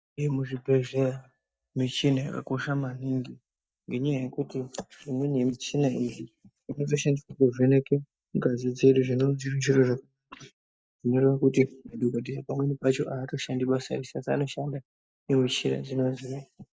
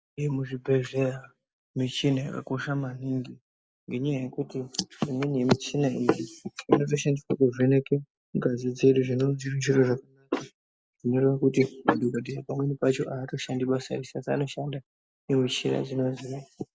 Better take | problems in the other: second | noise reduction (neural mask model DeepFilterNet 3)

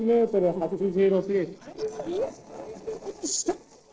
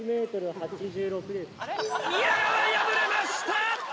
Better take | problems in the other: second | noise reduction (neural separator model SepFormer DNS4)

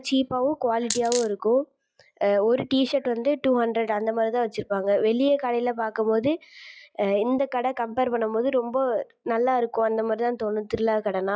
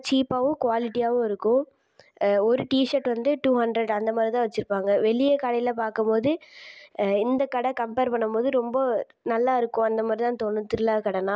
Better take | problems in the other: second | noise reduction (classical method log-MMSE)

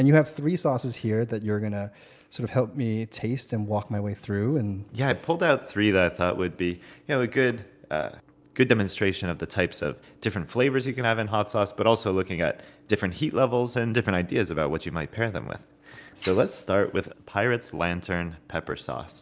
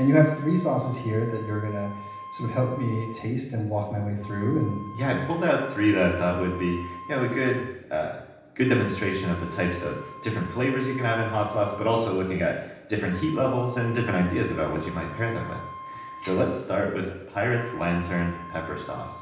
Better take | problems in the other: first | background sound (Wind instrument, woodwind instrument); 16 dB below the speech // room echo; dies away in 0.9 s

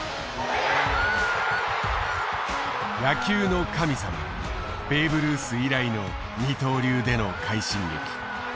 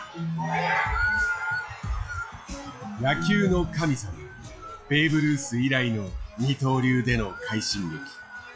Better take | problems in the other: first | noise reduction (classical method log-MMSE)

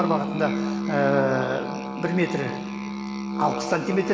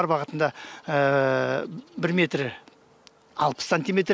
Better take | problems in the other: second | background sound (Musical instrument); 3 dB below the speech // room echo; dies away in 2.4 s

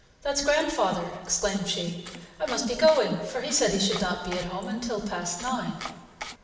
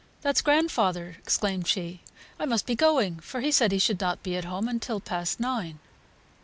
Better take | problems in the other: second | background sound (Domestic sounds, home sounds); 13 dB below the speech // room echo; dies away in 1.2 s

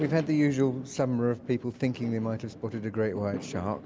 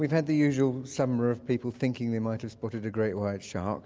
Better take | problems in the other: second | background sound (Fireworks); 15 dB below the speech

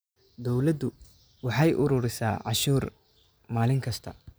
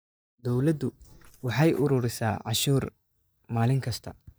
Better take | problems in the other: first | noise reduction (neural mask model DeepFilterNet 3)

